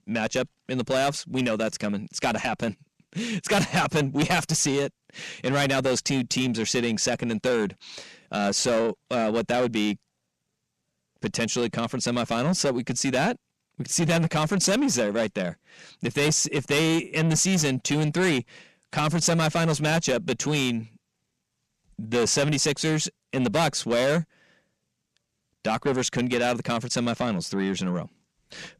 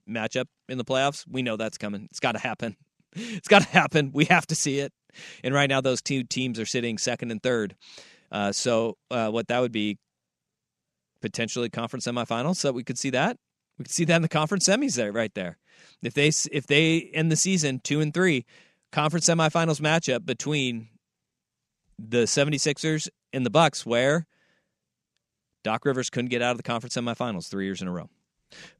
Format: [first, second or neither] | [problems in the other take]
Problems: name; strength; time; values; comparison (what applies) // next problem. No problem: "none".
second | distortion; heavy; 6 dB below the speech